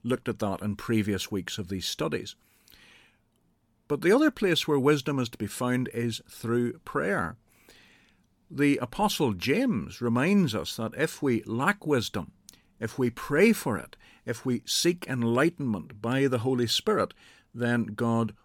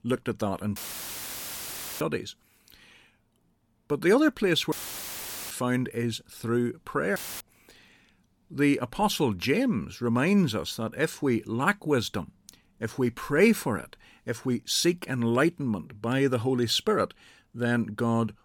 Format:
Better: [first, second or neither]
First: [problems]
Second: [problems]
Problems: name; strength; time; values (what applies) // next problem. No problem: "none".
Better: first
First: none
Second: audio cutting out; filled with static; at 1 s for 1 s, at 4.5 s for 1 s and at 7 s